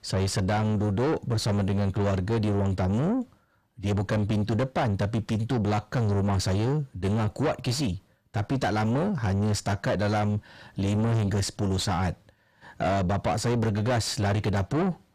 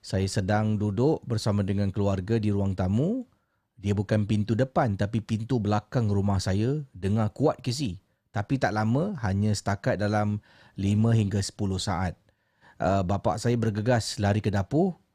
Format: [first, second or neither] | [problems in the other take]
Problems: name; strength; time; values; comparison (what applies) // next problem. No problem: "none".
second | distortion; heavy; 7 dB below the speech